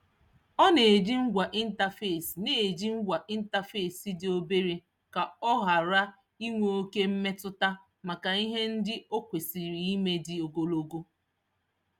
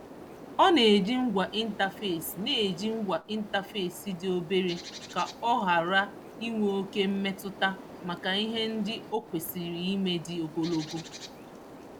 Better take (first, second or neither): first